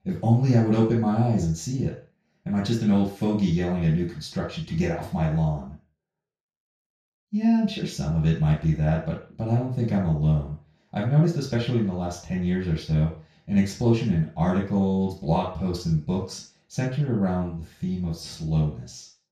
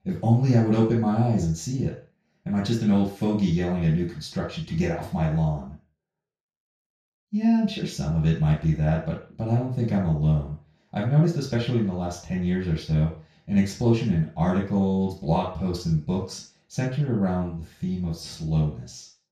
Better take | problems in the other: neither | room echo; noticeable; dies away in 0.3 s; the same in both // off-mic speech; far; the same in both

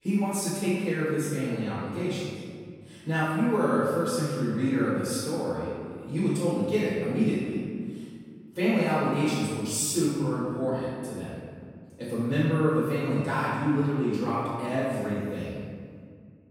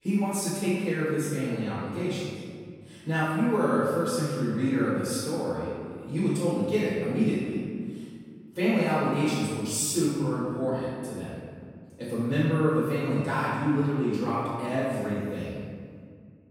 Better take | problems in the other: neither | off-mic speech; far; the same in both // room echo; strong; dies away in 2 s; the same in both

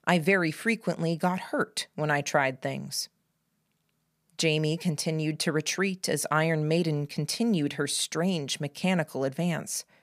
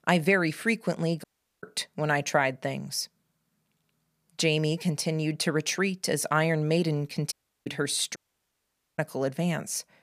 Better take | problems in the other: first | audio cutting out; at 1 s, at 7.5 s and at 8 s for 1 s

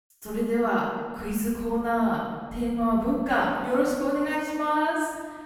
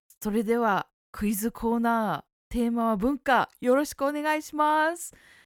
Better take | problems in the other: second | off-mic speech; far // room echo; strong; dies away in 1.8 s

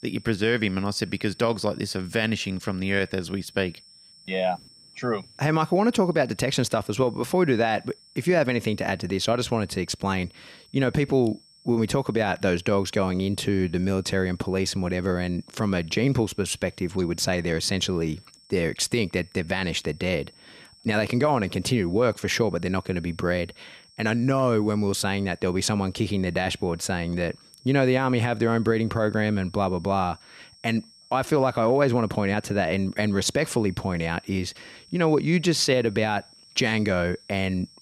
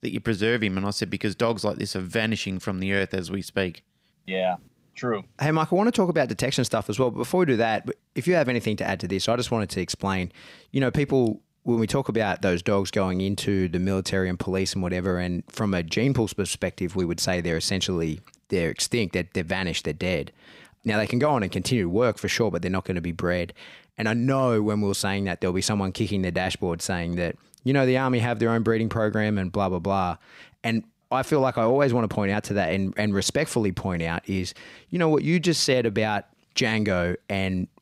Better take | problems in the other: second | high-pitched whine; faint; throughout; 5.5 kHz, 25 dB below the speech

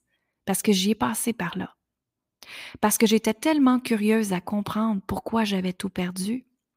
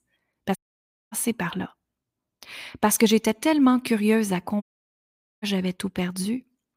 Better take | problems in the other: first | audio cutting out; at 0.5 s for 0.5 s and at 4.5 s for 1 s

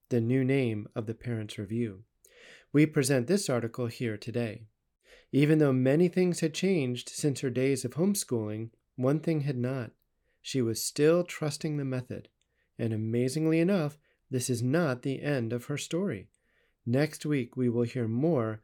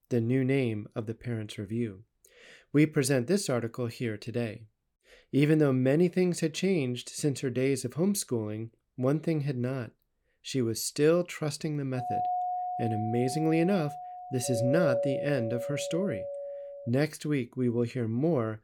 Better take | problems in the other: first | doorbell; loud; from 12 to 17 s; peak 1 dB above the speech

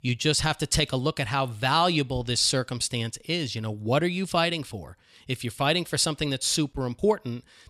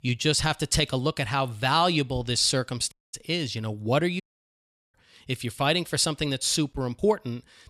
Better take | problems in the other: first | audio cutting out; at 3 s and at 4 s for 0.5 s

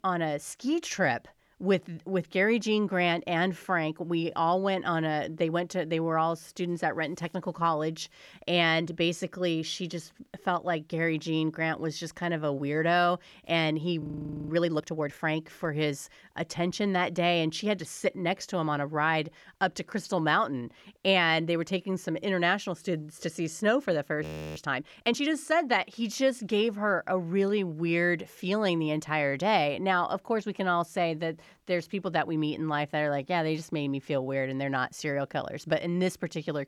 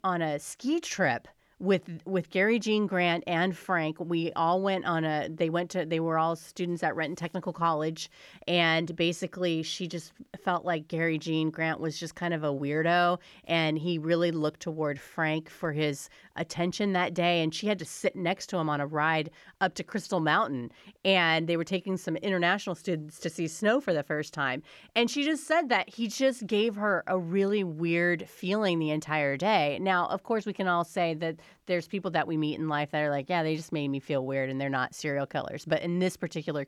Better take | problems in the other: second | audio freezing; at 14 s and at 24 s

